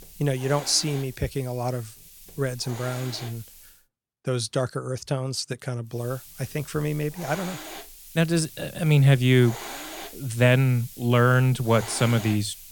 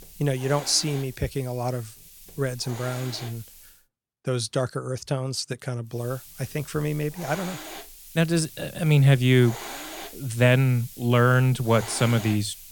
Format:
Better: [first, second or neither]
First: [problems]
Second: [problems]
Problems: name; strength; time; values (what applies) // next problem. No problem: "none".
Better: neither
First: hiss; noticeable; until 3.5 s and from 6 s on; 15 dB below the speech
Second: hiss; noticeable; until 3.5 s and from 6 s on; 15 dB below the speech